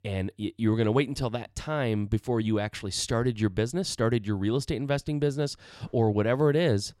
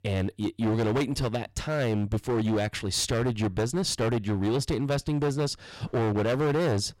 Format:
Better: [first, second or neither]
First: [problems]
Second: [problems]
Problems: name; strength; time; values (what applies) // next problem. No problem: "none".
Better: first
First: none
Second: distortion; heavy; 19% of the sound clipped